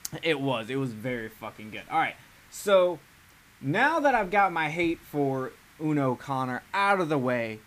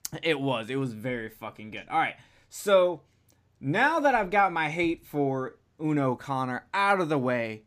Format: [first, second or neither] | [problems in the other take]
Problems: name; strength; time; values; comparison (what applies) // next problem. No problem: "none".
second | hiss; faint; throughout; 25 dB below the speech